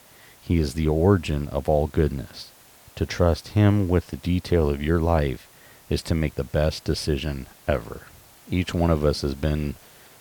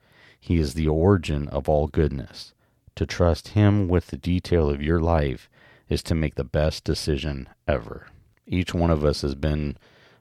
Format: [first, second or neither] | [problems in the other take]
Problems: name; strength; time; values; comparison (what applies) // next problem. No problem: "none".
second | hiss; faint; throughout; 25 dB below the speech